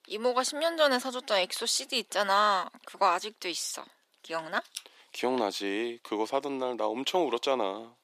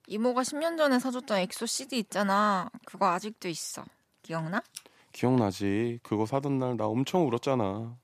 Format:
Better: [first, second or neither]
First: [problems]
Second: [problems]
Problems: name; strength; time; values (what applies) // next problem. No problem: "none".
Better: second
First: thin; somewhat; fading below 350 Hz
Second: none